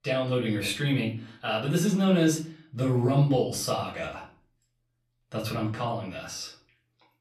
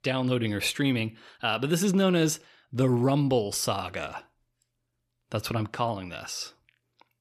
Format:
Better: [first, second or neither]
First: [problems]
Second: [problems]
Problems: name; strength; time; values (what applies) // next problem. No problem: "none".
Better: second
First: off-mic speech; far // room echo; slight; dies away in 0.4 s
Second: none